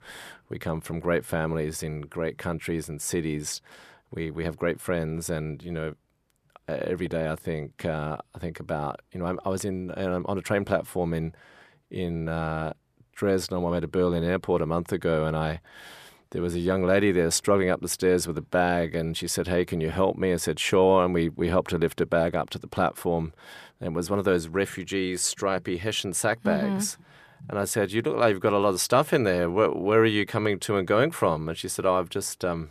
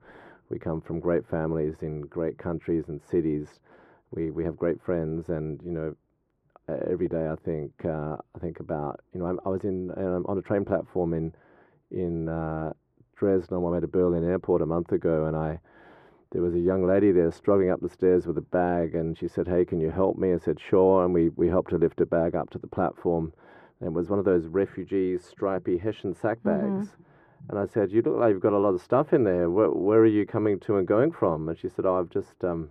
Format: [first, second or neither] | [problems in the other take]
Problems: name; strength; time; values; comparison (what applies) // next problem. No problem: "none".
first | muffled; very; fading above 3 kHz